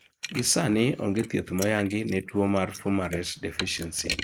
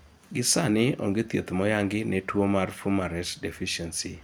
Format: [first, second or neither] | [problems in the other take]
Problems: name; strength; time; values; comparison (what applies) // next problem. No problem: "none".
second | noise reduction (neural mask model Resemble Enhance denoiser)